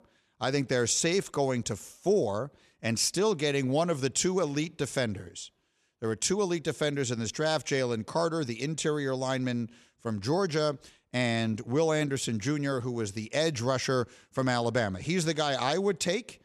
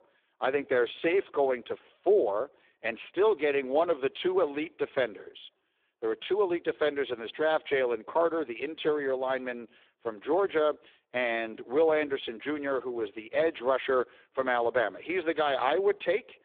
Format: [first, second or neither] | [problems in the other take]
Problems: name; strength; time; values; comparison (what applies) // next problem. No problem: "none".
first | phone-call audio; poor line